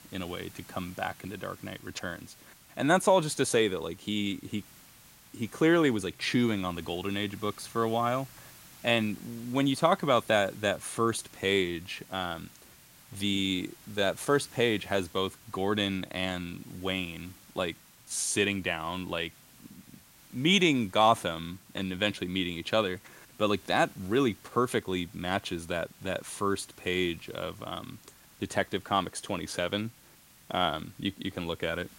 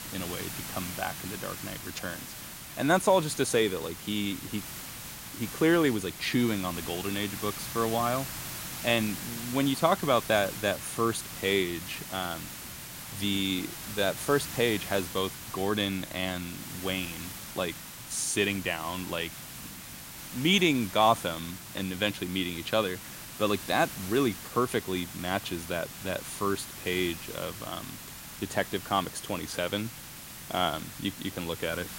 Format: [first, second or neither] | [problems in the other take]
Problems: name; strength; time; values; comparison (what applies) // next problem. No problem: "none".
first | hiss; loud; throughout; 9 dB below the speech; faint in the first